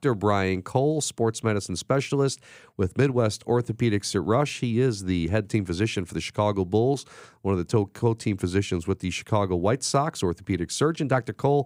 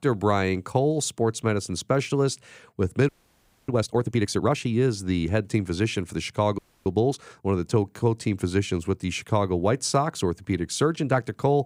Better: first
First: none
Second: audio freezing; at 3 s for 0.5 s and at 6.5 s

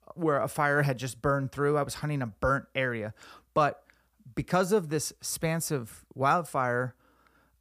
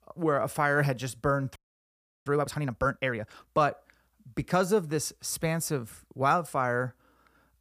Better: first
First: none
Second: audio freezing; at 1.5 s for 0.5 s

